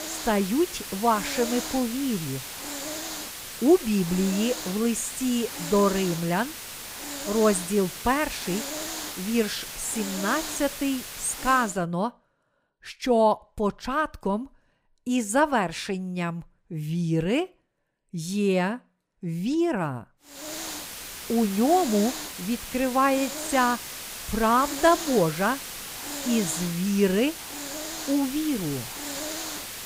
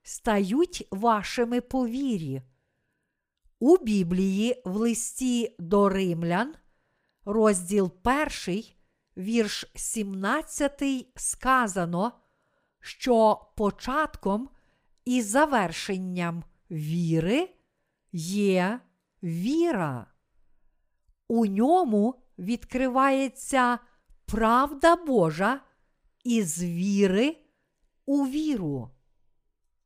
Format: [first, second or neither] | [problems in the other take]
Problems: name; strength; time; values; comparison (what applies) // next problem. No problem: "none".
second | hiss; loud; until 12 s and from 20 s on; 8 dB below the speech